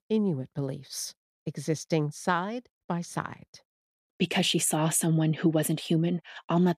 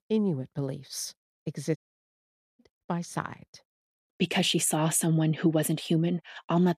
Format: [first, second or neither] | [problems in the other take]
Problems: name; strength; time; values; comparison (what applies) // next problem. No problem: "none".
first | audio cutting out; at 2 s for 1 s